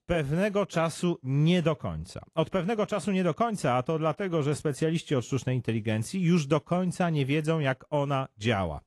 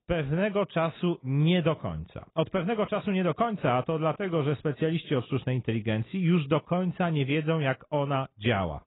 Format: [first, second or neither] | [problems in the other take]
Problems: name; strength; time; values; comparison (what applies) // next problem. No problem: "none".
first | garbled, watery; badly; nothing above 3.5 kHz; slightly in the first